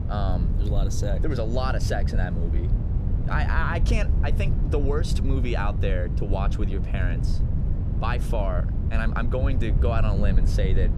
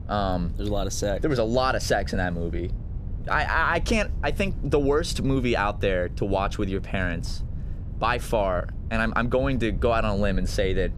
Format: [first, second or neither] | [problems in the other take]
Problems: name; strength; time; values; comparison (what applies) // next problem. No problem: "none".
second | low rumble; loud; throughout; 8 dB below the speech; faint in the second